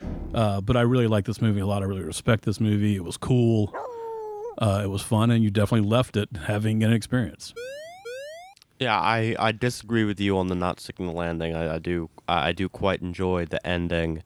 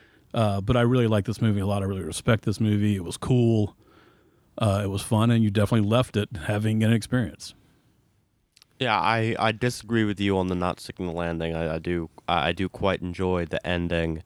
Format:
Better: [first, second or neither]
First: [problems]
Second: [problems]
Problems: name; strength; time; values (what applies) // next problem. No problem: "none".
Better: second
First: door banging; faint; at the start; peak 10 dB below the speech // dog barking; noticeable; at 3.5 s; peak 9 dB below the speech // siren; faint; at 7.5 s; peak 10 dB below the speech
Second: none